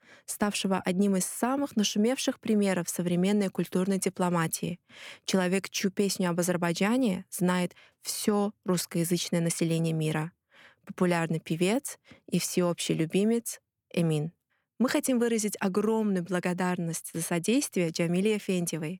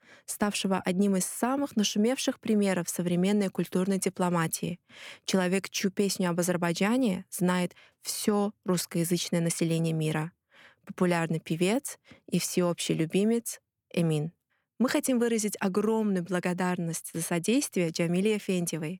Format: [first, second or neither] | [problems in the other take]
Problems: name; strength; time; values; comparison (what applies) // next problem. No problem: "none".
neither | none